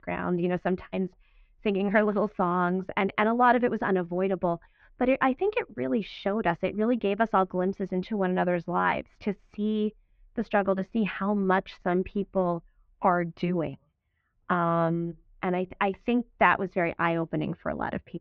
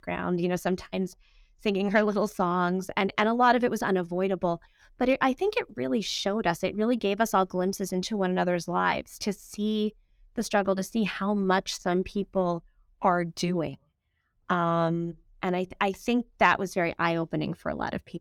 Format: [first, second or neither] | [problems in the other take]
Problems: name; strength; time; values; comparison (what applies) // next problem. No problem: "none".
second | muffled; very; fading above 2.5 kHz